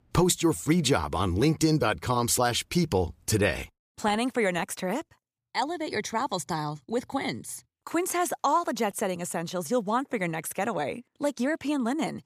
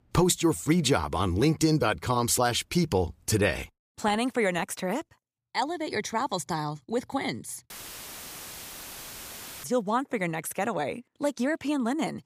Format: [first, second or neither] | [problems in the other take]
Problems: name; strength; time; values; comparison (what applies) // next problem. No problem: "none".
first | audio cutting out; filled with static; at 7.5 s for 2 s